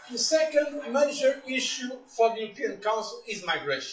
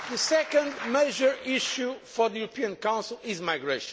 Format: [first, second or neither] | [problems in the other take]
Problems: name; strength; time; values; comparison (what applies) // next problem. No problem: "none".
second | noise reduction (classical method WPE with log-MMSE)